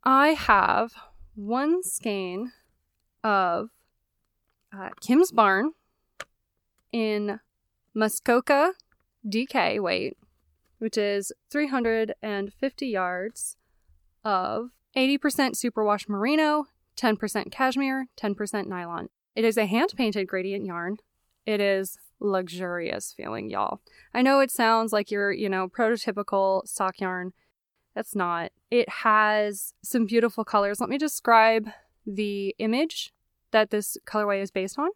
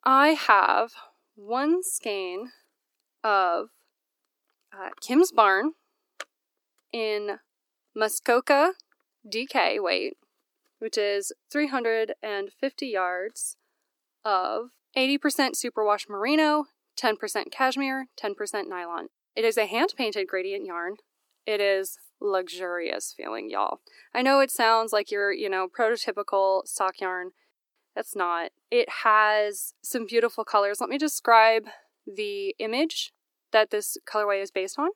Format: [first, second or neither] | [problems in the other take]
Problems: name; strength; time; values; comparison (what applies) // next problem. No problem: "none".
first | thin; very slightly; fading below 300 Hz